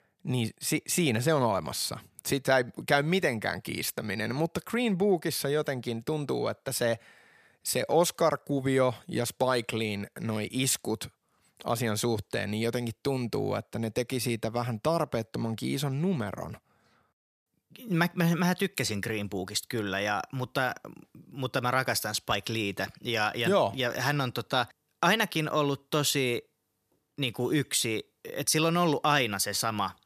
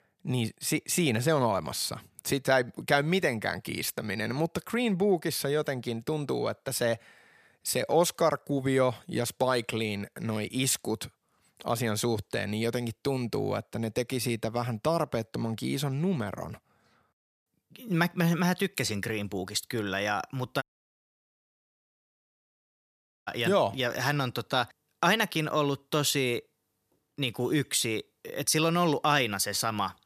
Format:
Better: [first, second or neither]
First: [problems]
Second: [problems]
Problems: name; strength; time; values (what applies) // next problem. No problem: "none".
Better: first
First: none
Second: audio cutting out; at 21 s for 2.5 s